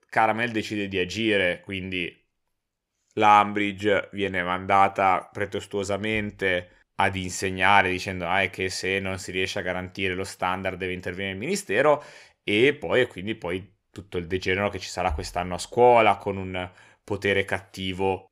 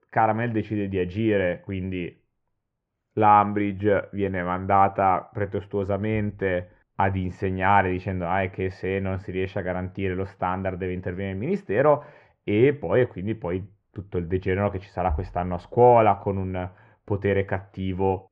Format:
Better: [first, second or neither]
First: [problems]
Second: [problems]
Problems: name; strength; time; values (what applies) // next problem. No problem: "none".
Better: first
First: none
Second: muffled; very; fading above 1.5 kHz